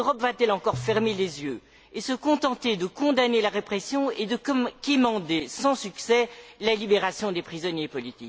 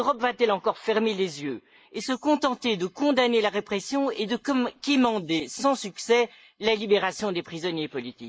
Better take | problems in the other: first | noise reduction (neural mask model Resemble Enhance denoiser)

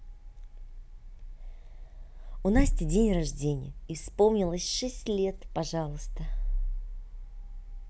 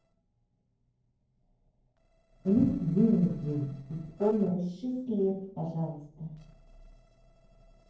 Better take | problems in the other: first | noise reduction (neural separator model SepFormer DNS4)

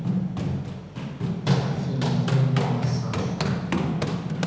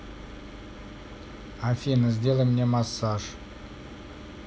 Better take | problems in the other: second | background sound (Run); 5 dB above the speech // room echo; dies away in 1 s

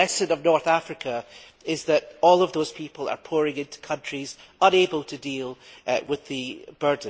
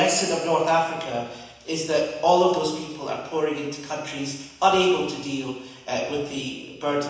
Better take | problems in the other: first | room echo; dies away in 1.1 s

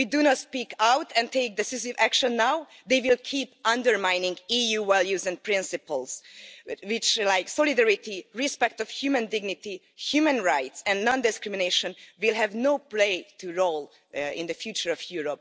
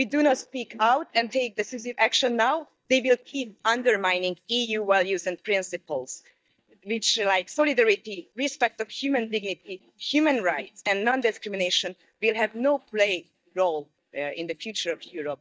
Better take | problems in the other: first | noise reduction (neural mask model DeepFilterNet 3)

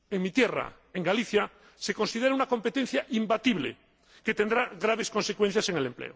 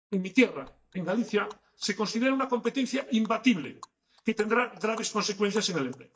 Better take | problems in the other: first | noise reduction (neural mask model DeepFilterNet 3)

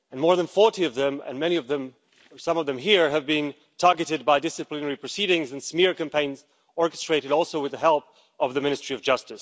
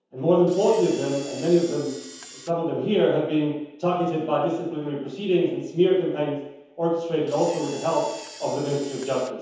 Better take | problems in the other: first | background sound (Camera); 17 dB below the speech // room echo; dies away in 0.9 s

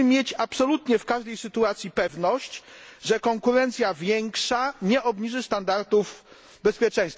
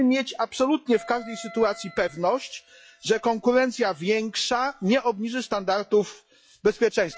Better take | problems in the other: first | noise reduction (classical method log-MMSE)

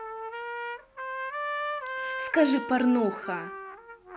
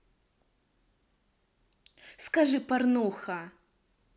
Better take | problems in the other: second | background sound (Trumpet); 5 dB below the speech

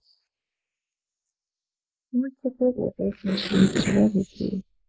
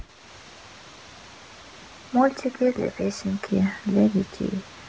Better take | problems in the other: second | noise reduction (neural mask model Resemble Enhance denoiser)

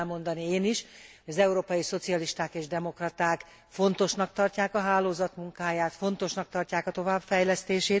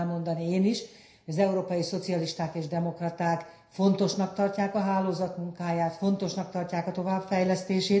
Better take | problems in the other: first | room echo; dies away in 0.5 s

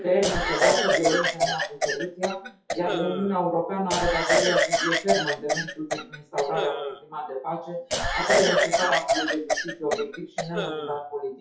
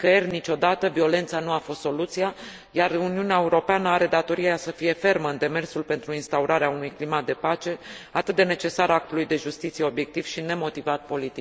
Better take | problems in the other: second | noise reduction (classical method WPE with log-MMSE)

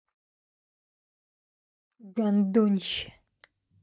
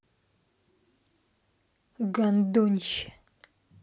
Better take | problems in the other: second | noise reduction (neural mask model DeepFilterNet 3)

